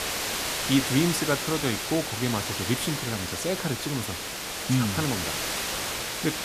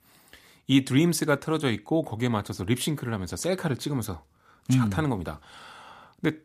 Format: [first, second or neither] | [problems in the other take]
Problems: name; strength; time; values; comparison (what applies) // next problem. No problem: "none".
second | hiss; loud; throughout; 1 dB below the speech